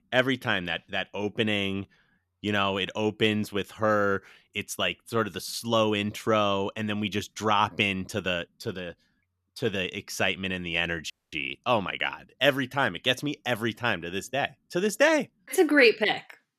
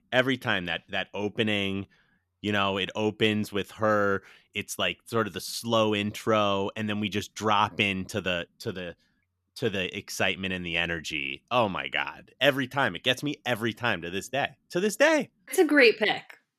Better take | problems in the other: second | audio freezing; at 11 s

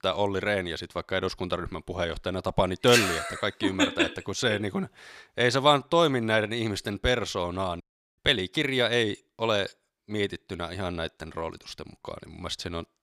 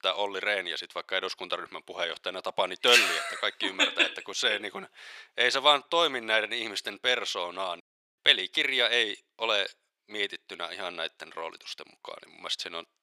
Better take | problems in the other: first | thin; somewhat; fading below 500 Hz

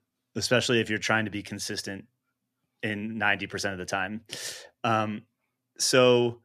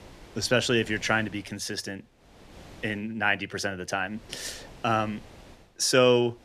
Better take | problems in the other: first | wind noise on the microphone; occasional gusts; 25 dB below the speech

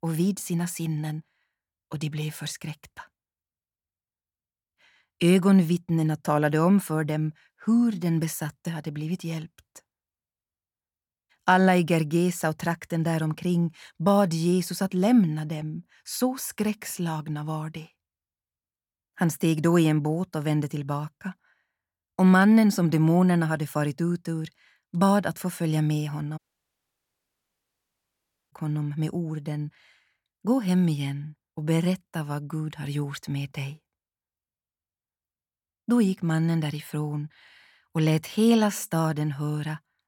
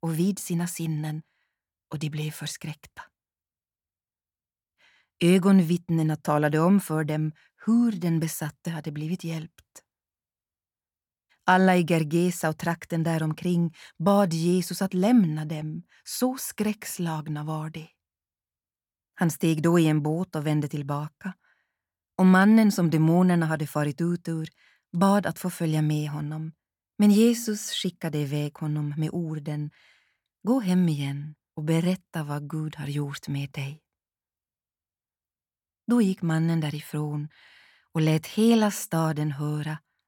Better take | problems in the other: second | audio cutting out; at 26 s for 2 s

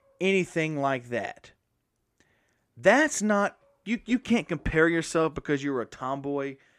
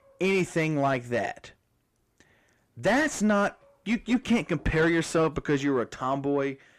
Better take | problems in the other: first | distortion; heavy; 8 dB below the speech

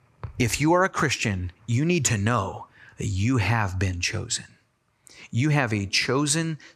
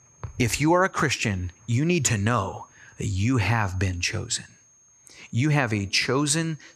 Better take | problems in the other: first | high-pitched whine; faint; throughout; 6.5 kHz, 30 dB below the speech

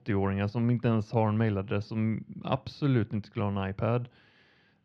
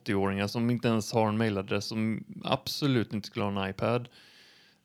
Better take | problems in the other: second | muffled; slightly; fading above 2.5 kHz

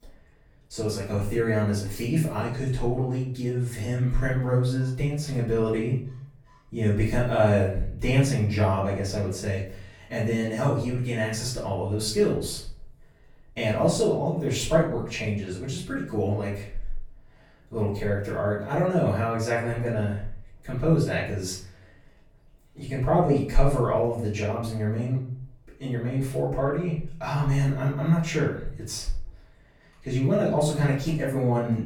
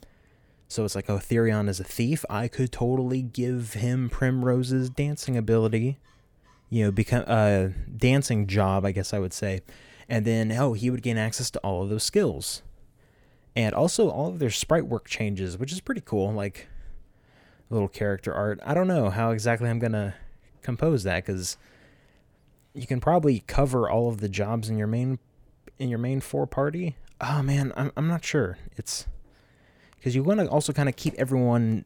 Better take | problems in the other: second | off-mic speech; far // room echo; noticeable; dies away in 0.5 s

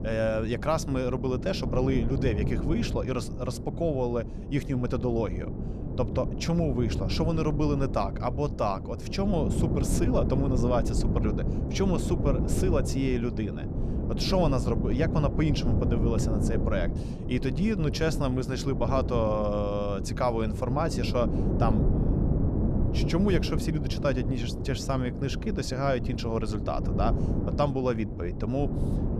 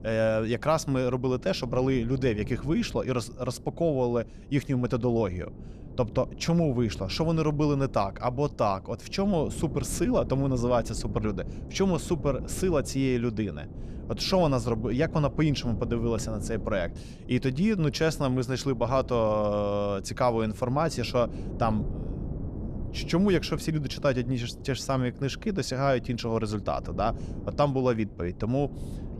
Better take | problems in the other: second | wind noise on the microphone; heavy; 7 dB below the speech; occasional gusts in the second

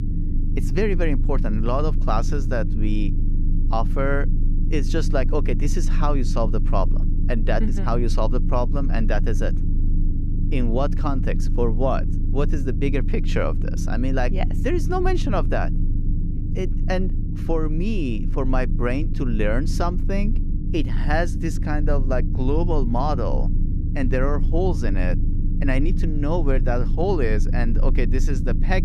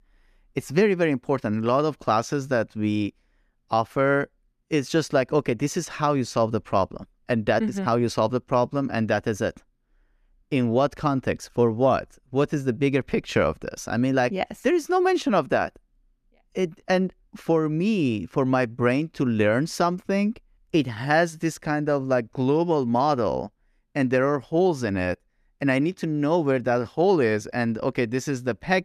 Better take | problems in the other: second | low rumble; noticeable; throughout; 10 dB below the speech

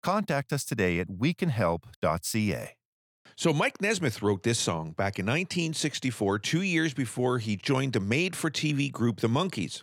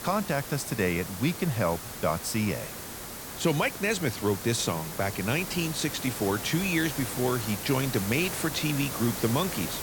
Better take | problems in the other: first | hiss; loud; throughout; 7 dB below the speech

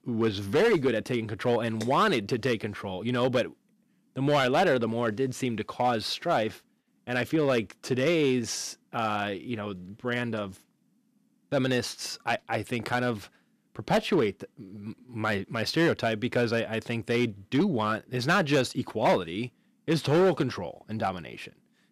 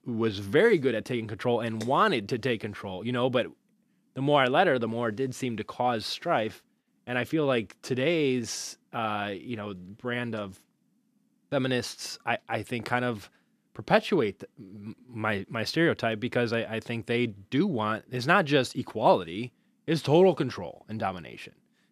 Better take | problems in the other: second | distortion; slight; 4% of the sound clipped

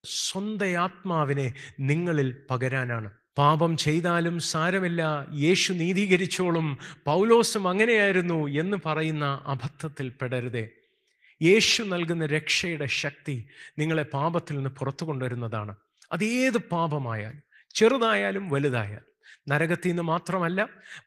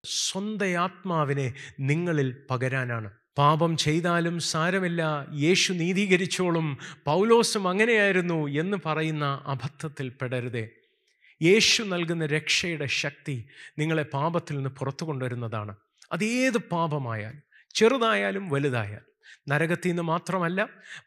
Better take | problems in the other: second | garbled, watery; slightly

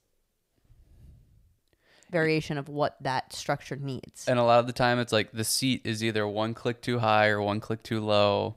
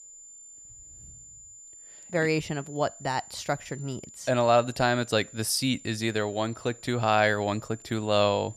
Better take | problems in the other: first | high-pitched whine; noticeable; throughout; 7 kHz, 20 dB below the speech

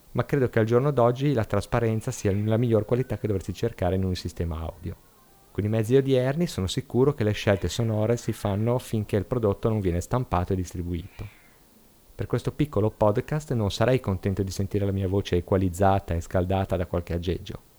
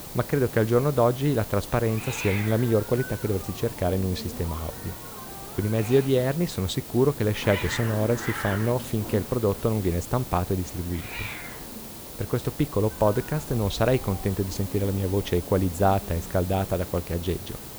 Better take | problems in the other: first | hiss; loud; throughout; 10 dB below the speech; faint in the first

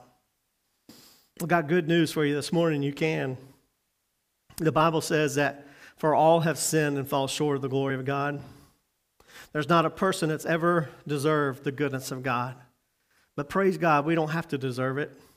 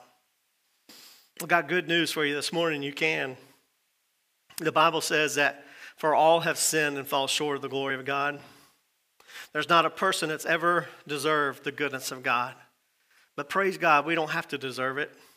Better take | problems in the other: first | thin; somewhat; fading below 650 Hz

